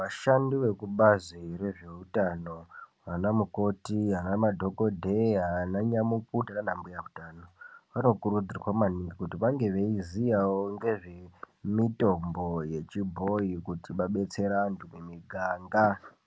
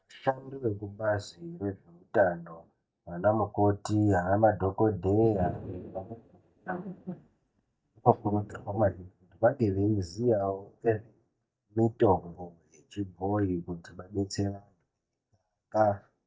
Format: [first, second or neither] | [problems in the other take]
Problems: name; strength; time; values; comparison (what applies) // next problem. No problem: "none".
first | noise reduction (neural mask model DeepFilterNet 3)